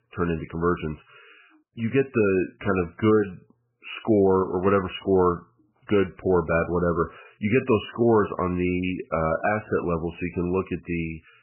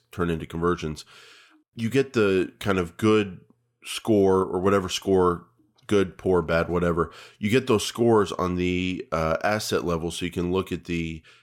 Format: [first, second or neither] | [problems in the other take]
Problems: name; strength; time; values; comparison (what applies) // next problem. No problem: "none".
second | garbled, watery; badly; nothing above 3 kHz